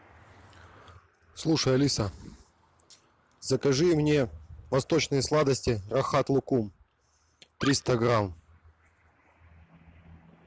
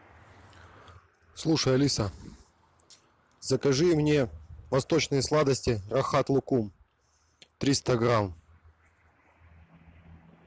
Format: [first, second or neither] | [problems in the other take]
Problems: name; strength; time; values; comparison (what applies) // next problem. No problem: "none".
second | background sound (Animal); 12 dB below the speech